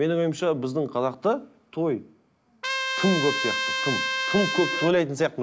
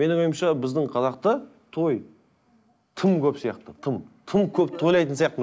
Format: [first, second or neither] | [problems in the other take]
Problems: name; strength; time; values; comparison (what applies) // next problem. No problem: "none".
second | background sound (Trumpet); 2 dB below the speech